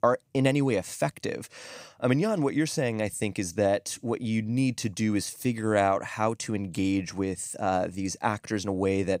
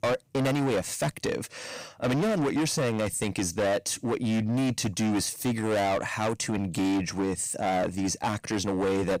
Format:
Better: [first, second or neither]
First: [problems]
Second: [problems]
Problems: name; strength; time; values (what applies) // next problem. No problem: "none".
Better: first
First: none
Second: distortion; heavy; 22% of the sound clipped